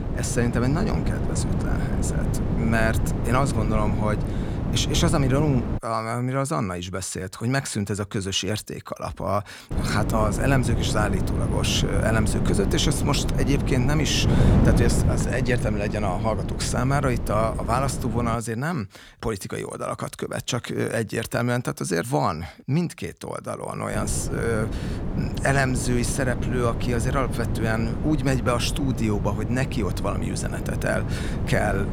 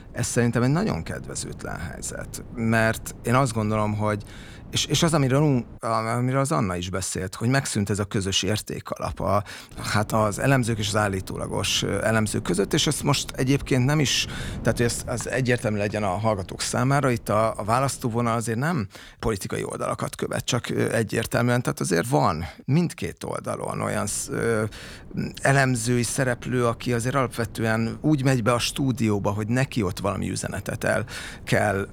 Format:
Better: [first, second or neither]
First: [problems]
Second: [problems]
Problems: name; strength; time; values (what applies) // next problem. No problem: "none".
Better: second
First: wind noise on the microphone; heavy; until 6 s, from 9.5 to 18 s and from 24 s on; 7 dB below the speech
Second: wind noise on the microphone; occasional gusts; until 6 s, from 9.5 to 18 s and from 24 s on; 25 dB below the speech